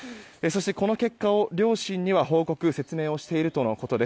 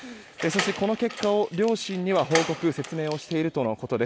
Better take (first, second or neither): first